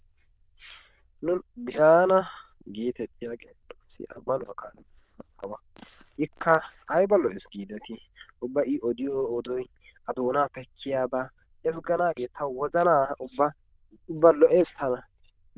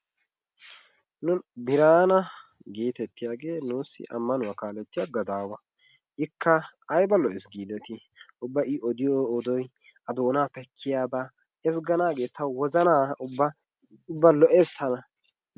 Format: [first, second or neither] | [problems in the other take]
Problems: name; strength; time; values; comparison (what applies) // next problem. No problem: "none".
second | noise reduction (neural diffusion model UNIVERSE++)